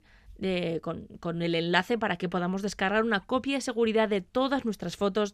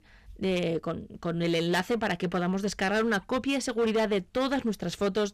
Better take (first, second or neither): first